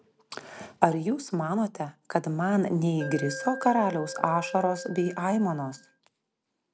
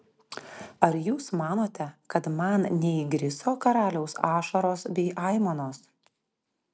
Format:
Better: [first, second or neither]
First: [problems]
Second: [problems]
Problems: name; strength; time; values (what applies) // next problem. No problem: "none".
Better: second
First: background sound (Alarm); 12 dB below the speech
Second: none